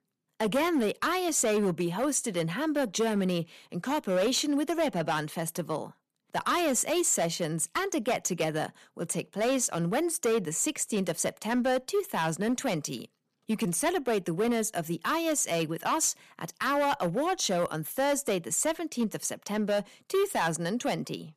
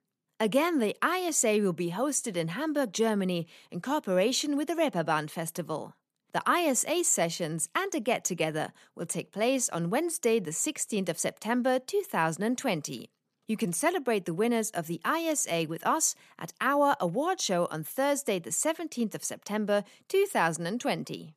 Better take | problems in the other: second | distortion; slight; 8% of the sound clipped

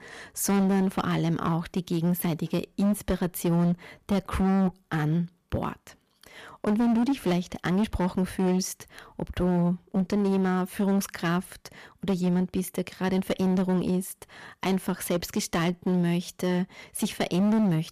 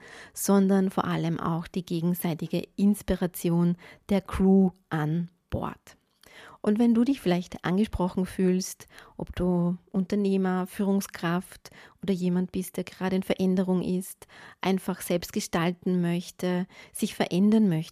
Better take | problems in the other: second | distortion; slight; 13% of the sound clipped

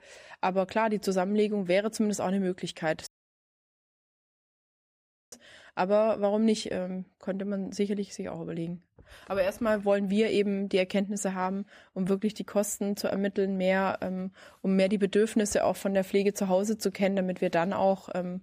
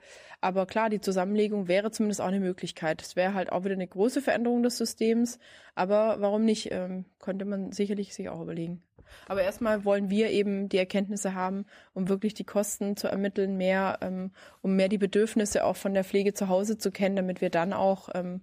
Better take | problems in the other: second | audio cutting out; at 3 s for 2.5 s

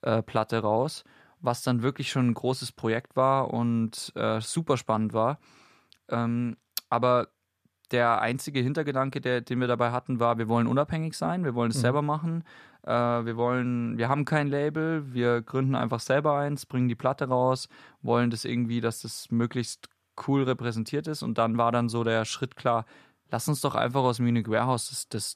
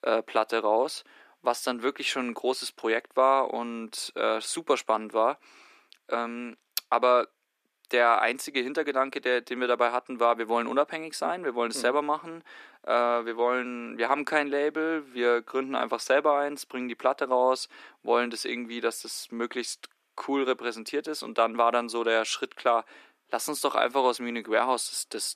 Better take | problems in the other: first | thin; somewhat; fading below 300 Hz

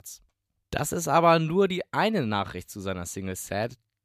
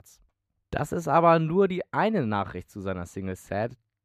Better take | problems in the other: first | muffled; slightly; fading above 2.5 kHz

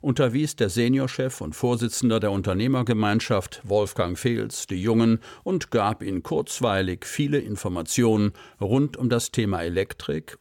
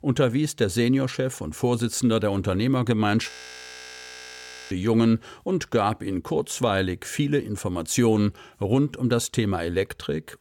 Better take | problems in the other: first | audio freezing; at 3.5 s for 1.5 s

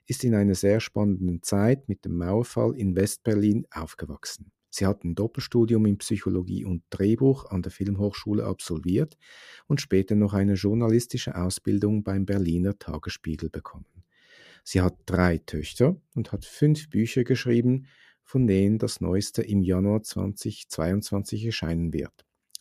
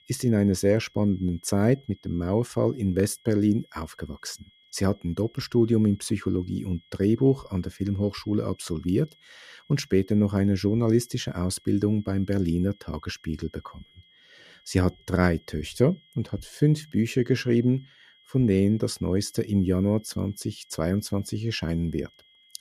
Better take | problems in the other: first | high-pitched whine; faint; throughout; 3.5 kHz, 30 dB below the speech

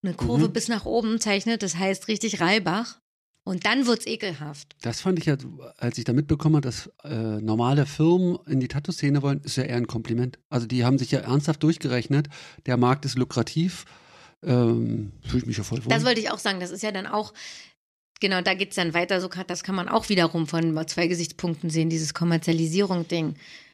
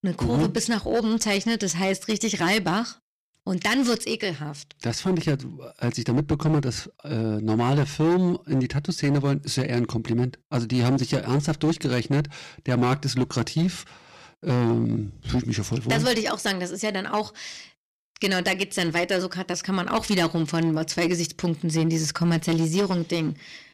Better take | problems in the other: first | distortion; slight; 10% of the sound clipped

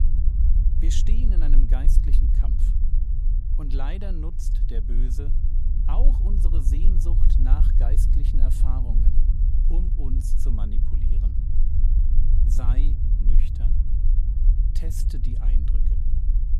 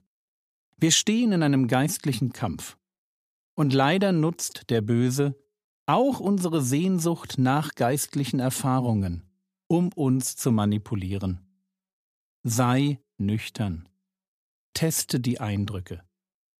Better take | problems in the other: second | low rumble; loud; throughout; 2 dB below the speech

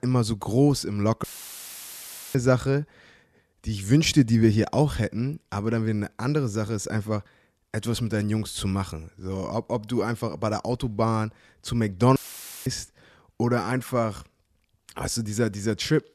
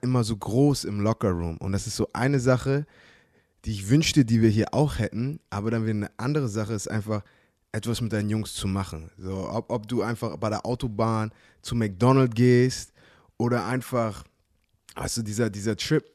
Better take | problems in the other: second | audio cutting out; filled with static; at 1 s for 1 s and at 12 s for 0.5 s

